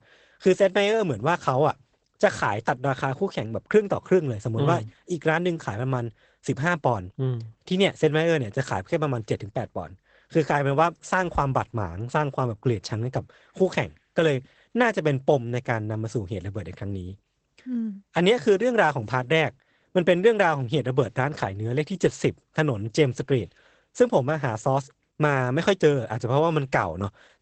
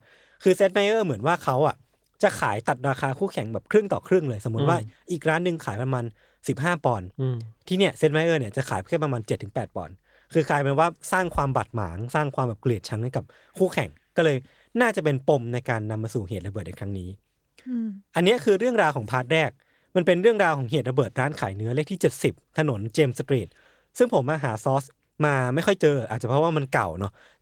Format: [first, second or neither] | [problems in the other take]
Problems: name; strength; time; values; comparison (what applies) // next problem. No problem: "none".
second | garbled, watery; badly; nothing above 8 kHz; slightly in the second